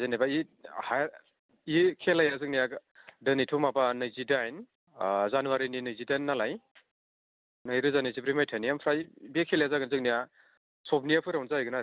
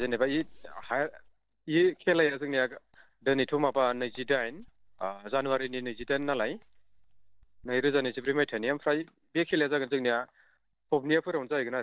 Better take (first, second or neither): first